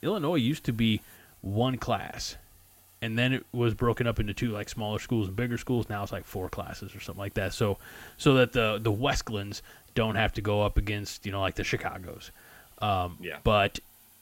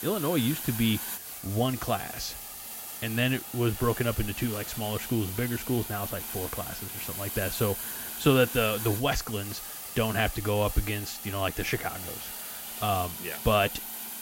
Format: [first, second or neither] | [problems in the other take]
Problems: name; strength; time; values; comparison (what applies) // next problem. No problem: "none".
first | hiss; loud; throughout; 6 dB below the speech; faint in the first